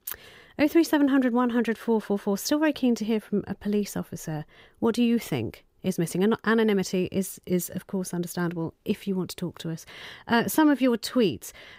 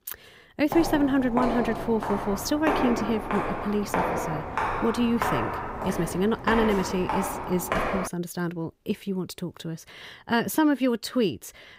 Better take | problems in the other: first | footsteps; loud; from 0.5 to 8 s; peak 1 dB above the speech

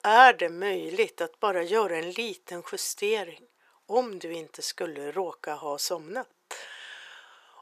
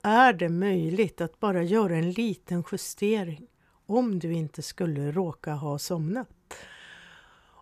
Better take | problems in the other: second | thin; very; fading below 450 Hz

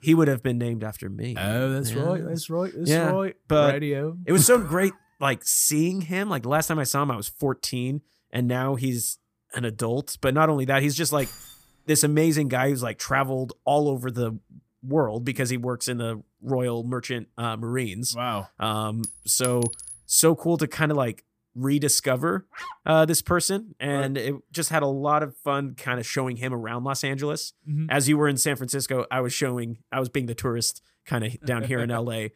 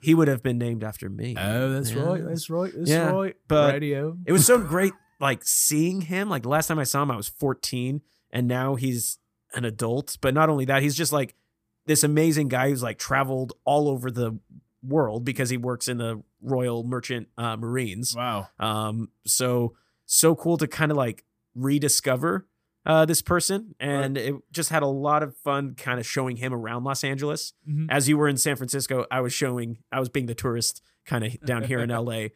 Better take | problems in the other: second | jangling keys; faint; at 11 s; peak 15 dB below the speech // clattering dishes; noticeable; at 19 s; peak 6 dB below the speech // dog barking; faint; at 23 s; peak 15 dB below the speech

